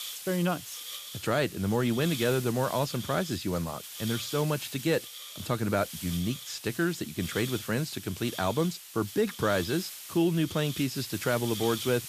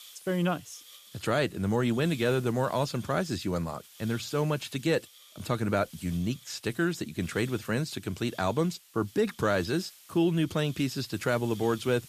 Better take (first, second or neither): second